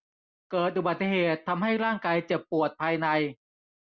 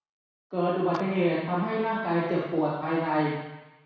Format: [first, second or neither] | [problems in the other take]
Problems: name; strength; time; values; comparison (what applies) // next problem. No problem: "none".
first | background sound (Clapping); 19 dB below the speech // room echo; dies away in 1.1 s